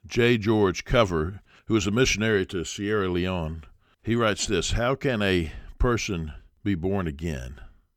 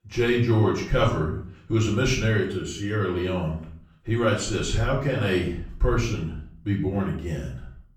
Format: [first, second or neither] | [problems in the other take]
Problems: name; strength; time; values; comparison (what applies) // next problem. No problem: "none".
first | off-mic speech; far // room echo; noticeable; dies away in 0.5 s